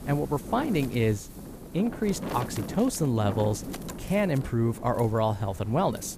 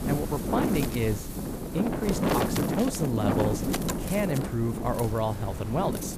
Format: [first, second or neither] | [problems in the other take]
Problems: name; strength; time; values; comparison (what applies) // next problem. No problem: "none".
first | wind noise on the microphone; heavy; 1 dB below the speech; occasional gusts in the first